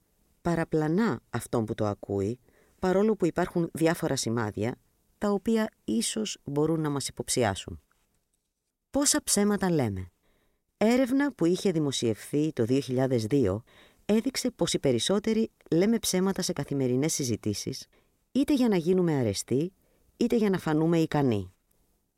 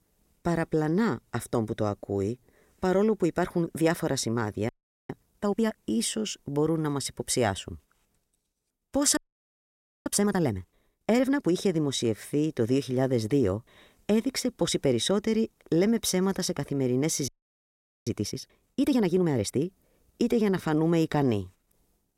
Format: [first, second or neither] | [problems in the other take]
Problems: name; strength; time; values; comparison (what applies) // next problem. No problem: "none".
first | audio freezing; at 4.5 s, at 9 s for 1 s and at 17 s for 1 s